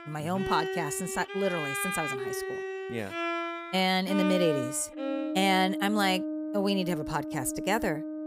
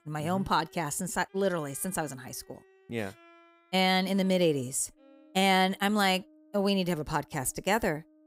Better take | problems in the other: second | background music; loud; throughout; 4 dB below the speech; faint in the second

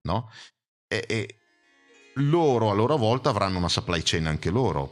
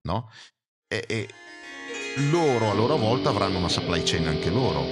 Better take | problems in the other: first | background music; loud; from 1.5 s on; 5 dB below the speech; faint in the first

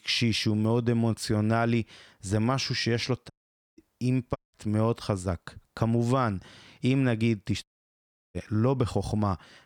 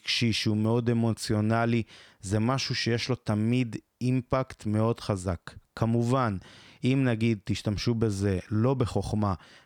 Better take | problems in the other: second | audio cutting out; at 3.5 s, at 4.5 s and at 7.5 s for 0.5 s

